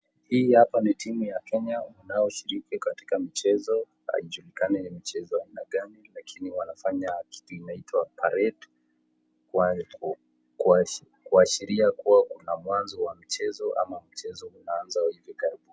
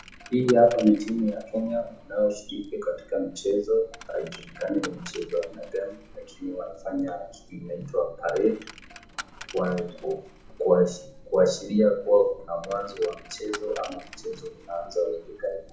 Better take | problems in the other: first | background sound (Coin (dropping)); 19 dB below the speech // room echo; dies away in 0.6 s

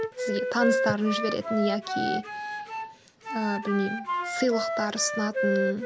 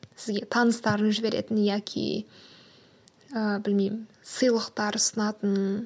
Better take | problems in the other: second | background sound (Wind instrument, woodwind instrument); 1 dB below the speech

